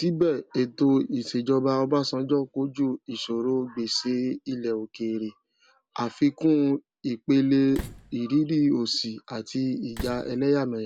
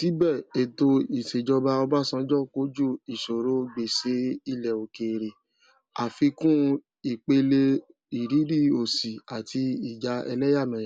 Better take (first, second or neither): second